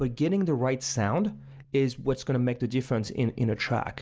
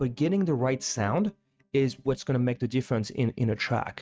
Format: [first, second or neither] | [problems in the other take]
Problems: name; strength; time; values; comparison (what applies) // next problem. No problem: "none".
first | noise reduction (neural mask model RNNoise)